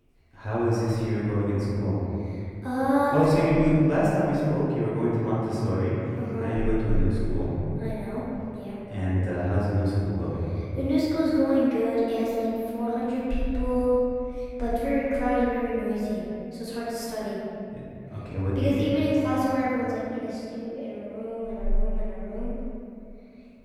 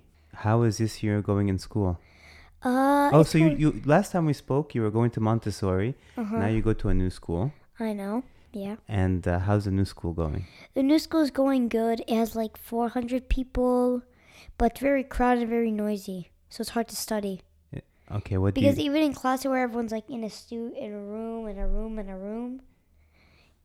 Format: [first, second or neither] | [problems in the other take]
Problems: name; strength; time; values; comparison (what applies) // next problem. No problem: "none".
second | room echo; strong; dies away in 2.7 s // off-mic speech; far